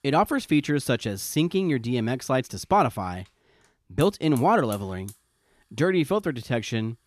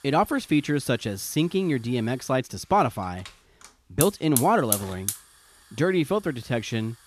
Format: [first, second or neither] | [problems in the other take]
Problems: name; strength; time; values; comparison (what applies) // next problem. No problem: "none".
first | hiss; loud; throughout; 3 dB below the speech; faint in the first